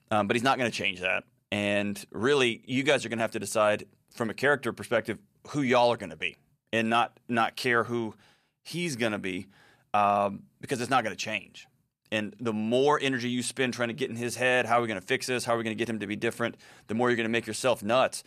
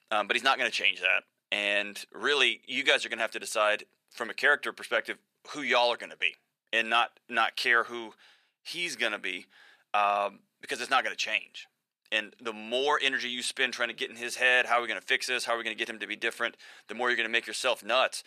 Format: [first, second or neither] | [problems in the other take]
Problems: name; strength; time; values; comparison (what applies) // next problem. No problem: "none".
first | thin; somewhat; fading below 400 Hz